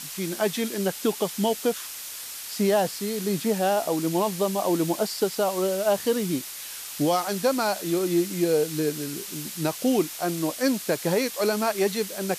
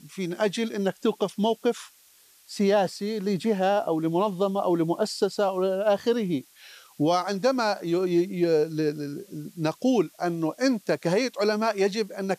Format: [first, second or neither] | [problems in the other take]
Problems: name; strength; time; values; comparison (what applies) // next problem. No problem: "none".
second | hiss; loud; throughout; 8 dB below the speech; faint in the second